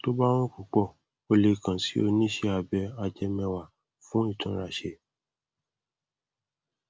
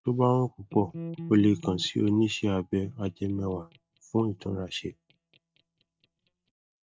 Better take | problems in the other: first | noise reduction (neural mask model DeepFilterNet 3)

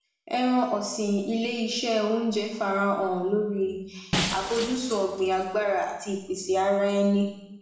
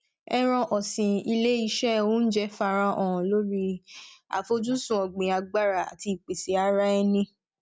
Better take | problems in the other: second | background sound (Shatter); 9 dB below the speech // room echo; dies away in 0.9 s

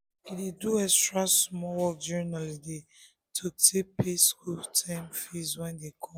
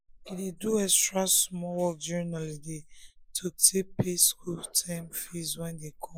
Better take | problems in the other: first | noise reduction (neural mask model Resemble Enhance denoiser)

